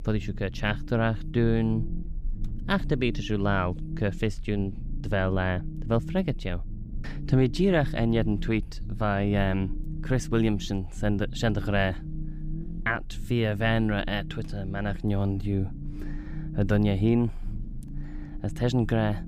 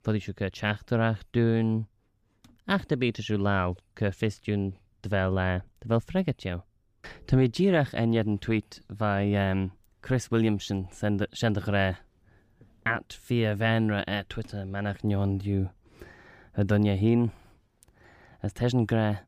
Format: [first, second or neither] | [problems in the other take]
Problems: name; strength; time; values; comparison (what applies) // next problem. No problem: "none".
second | low rumble; noticeable; throughout; 15 dB below the speech